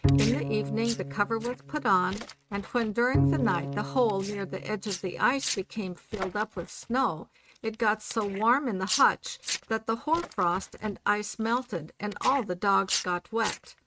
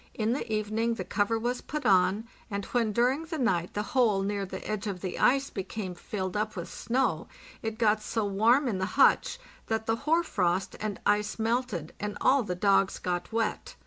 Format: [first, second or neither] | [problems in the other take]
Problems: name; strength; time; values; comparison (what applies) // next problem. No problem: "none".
second | noise reduction (neural mask model RNNoise)